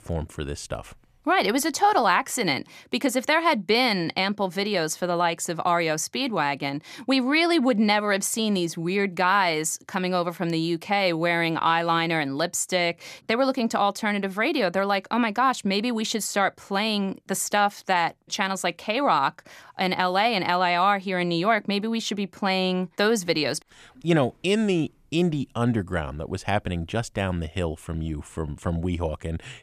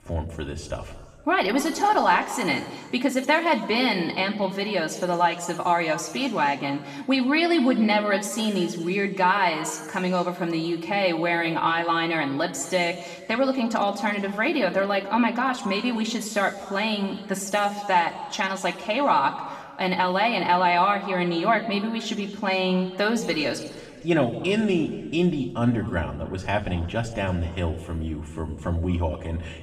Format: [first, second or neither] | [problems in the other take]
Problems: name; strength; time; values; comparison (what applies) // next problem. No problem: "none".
first | room echo; slight; dies away in 1.6 s // off-mic speech; far